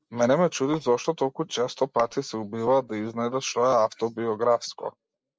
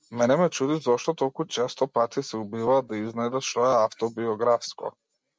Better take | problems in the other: second | noise reduction (neural mask model Resemble Enhance denoiser)

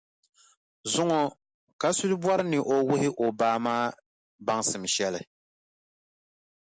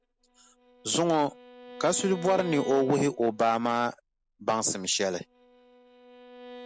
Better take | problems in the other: first | background sound (Bowed string instrument); 17 dB below the speech

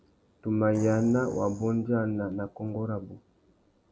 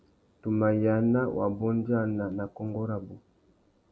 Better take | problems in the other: second | background sound (Animal); 17 dB below the speech

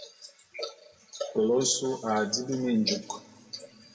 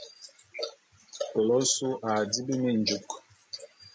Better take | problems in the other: second | room echo; dies away in 1.6 s

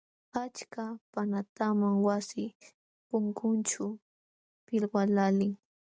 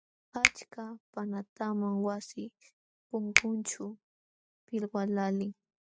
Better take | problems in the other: first | noise reduction (classical method spectral subtraction)

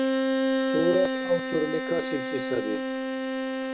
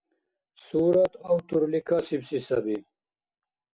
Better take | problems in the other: second | background sound (Bowed string instrument); 2 dB above the speech

